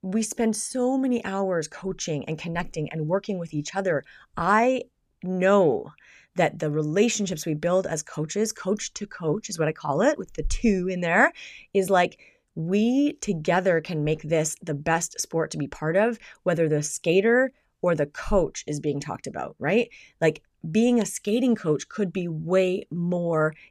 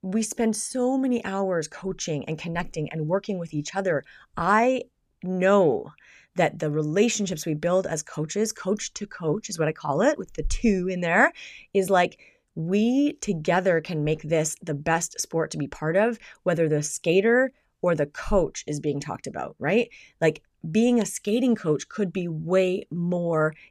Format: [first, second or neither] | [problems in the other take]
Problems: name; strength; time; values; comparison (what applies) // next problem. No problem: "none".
neither | none